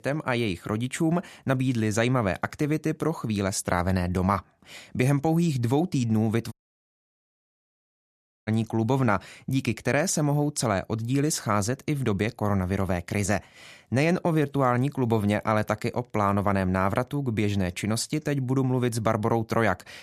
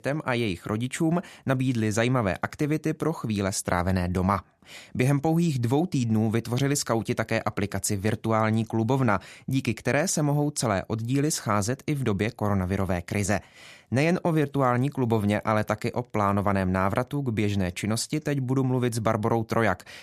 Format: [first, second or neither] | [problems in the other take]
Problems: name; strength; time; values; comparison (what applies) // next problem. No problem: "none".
second | audio cutting out; at 6.5 s for 2 s